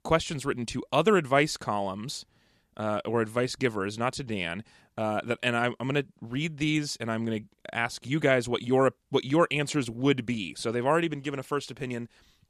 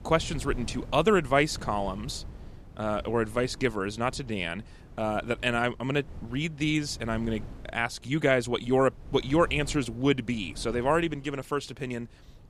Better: first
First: none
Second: wind noise on the microphone; occasional gusts; 25 dB below the speech

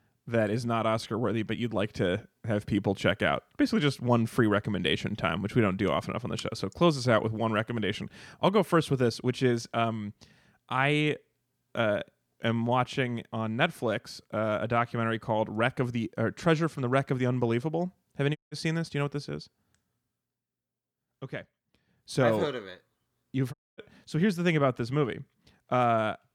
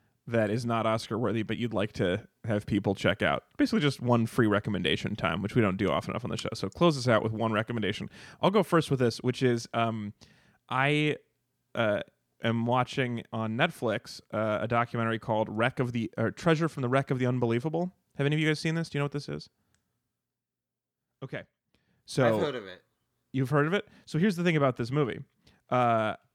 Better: second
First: audio cutting out; at 18 s and at 24 s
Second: none

